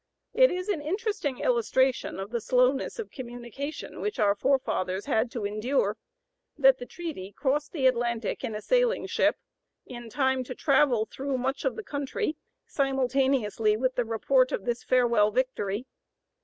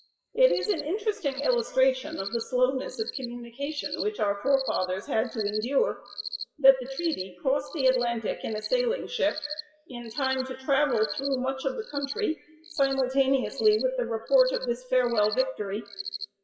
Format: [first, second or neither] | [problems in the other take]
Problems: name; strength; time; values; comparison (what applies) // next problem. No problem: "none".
first | noise reduction (classical method WPE with log-MMSE)